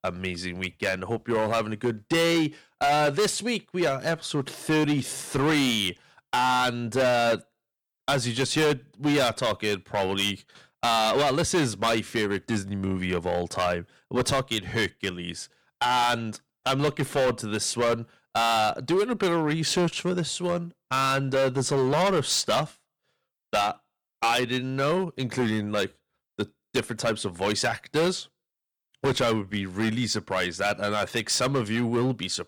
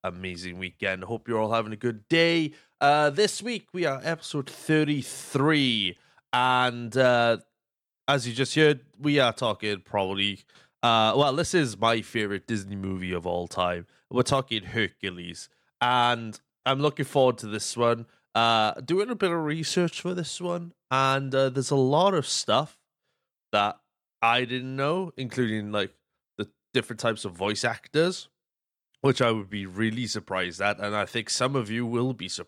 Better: second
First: distortion; heavy; 11% of the sound clipped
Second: none

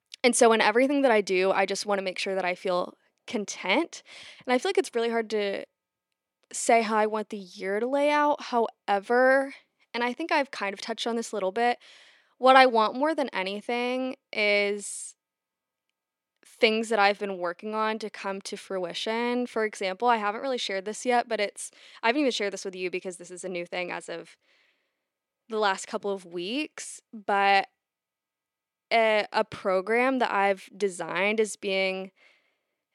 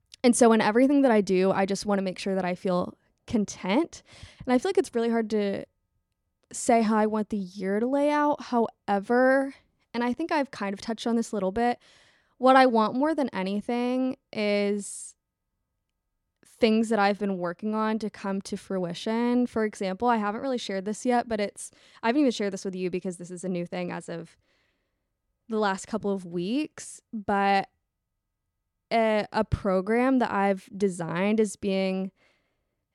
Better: second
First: thin; somewhat; fading below 350 Hz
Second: none

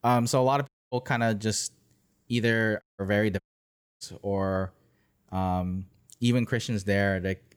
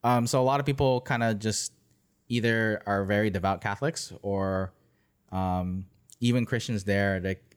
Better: second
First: audio cutting out; at 0.5 s, at 3 s and at 3.5 s for 0.5 s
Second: none

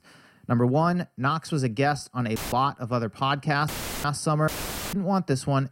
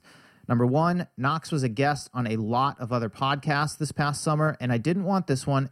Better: second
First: audio cutting out; filled with static; at 2.5 s, at 3.5 s and at 4.5 s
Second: none

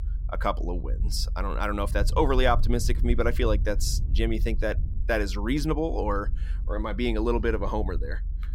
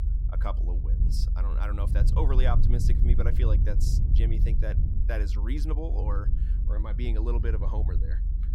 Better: first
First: low rumble; faint; throughout; 20 dB below the speech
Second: low rumble; loud; throughout; 6 dB below the speech

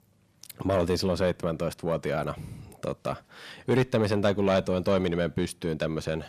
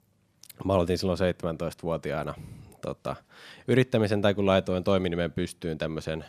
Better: second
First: distortion; slight; 10 dB below the speech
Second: none

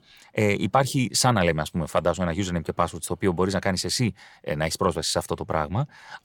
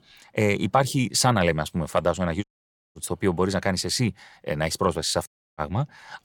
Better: first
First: none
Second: audio cutting out; at 2.5 s for 0.5 s and at 5.5 s

